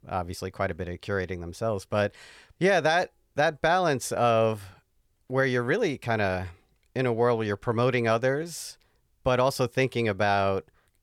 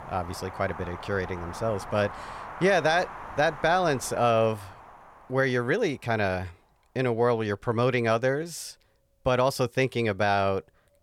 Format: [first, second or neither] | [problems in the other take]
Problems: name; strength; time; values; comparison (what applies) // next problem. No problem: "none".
first | wind in the background; noticeable; throughout; 15 dB below the speech